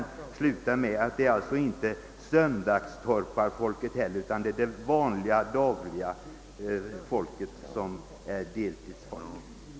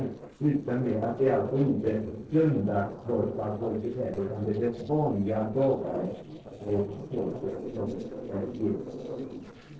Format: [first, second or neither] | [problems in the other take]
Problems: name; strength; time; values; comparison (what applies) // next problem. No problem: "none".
first | noise reduction (neural separator model SepFormer DNS4)